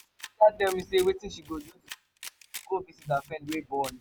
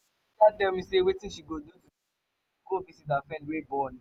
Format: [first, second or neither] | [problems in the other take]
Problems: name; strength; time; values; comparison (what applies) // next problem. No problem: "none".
second | background sound (Camera); 17 dB below the speech